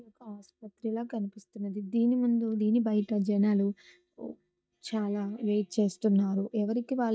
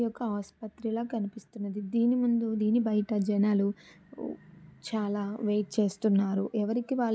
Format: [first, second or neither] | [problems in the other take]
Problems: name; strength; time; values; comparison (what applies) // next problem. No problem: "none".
second | noise reduction (neural mask model DeepFilterNet 3)